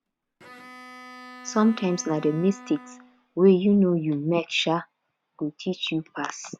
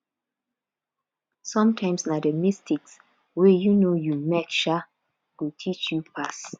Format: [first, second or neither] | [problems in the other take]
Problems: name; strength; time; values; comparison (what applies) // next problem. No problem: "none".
second | background sound (Bowed string instrument); 20 dB below the speech